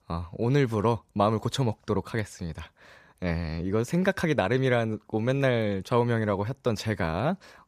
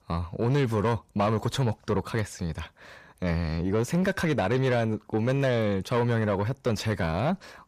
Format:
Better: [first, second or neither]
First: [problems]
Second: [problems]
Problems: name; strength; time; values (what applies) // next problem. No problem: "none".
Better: first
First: none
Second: distortion; slight; 10 dB below the speech